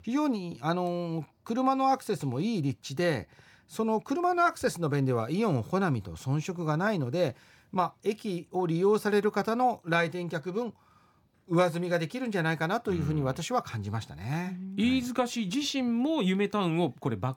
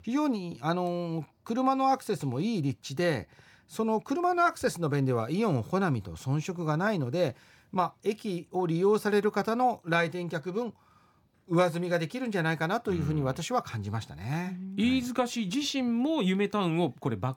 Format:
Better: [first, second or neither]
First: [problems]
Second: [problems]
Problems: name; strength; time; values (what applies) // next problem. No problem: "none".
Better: neither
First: none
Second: none